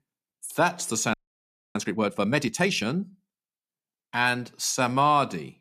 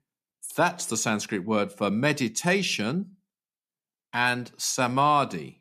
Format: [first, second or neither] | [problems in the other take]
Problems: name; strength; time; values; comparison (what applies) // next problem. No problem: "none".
second | audio freezing; at 1 s for 0.5 s